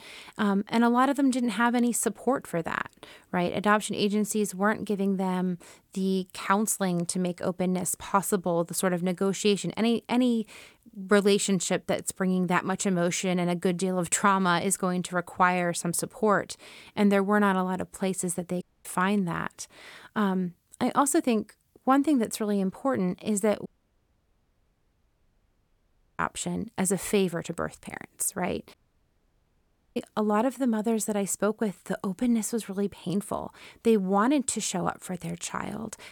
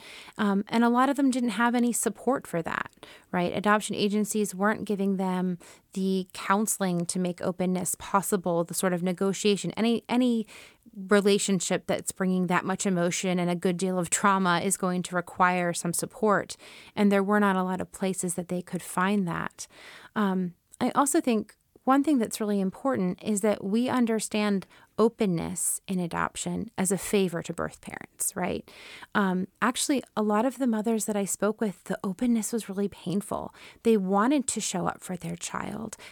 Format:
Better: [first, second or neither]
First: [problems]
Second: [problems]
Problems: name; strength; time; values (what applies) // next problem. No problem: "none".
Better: second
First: audio cutting out; at 19 s, at 24 s for 2.5 s and at 29 s for 1 s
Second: none